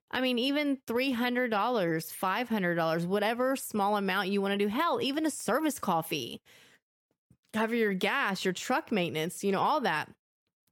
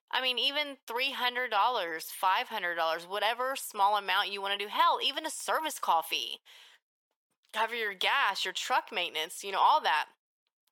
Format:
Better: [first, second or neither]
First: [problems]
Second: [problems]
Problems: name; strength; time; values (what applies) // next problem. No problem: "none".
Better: first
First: none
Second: thin; very; fading below 800 Hz